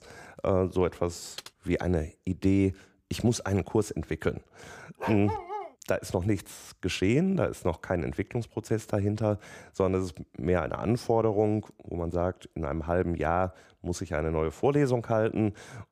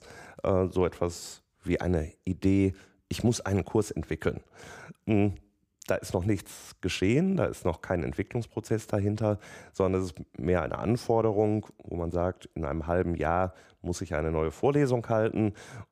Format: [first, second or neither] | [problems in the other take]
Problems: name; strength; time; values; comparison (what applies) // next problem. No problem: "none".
second | keyboard typing; faint; at 1.5 s; peak 15 dB below the speech // dog barking; noticeable; at 5 s; peak 5 dB below the speech